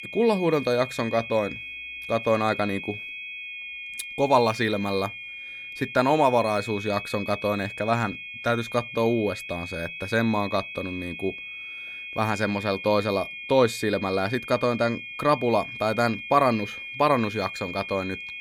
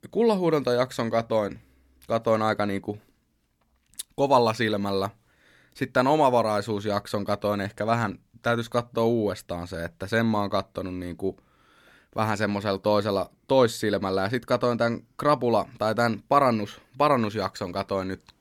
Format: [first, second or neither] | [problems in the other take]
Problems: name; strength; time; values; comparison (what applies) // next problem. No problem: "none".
second | high-pitched whine; loud; throughout; 2.5 kHz, 9 dB below the speech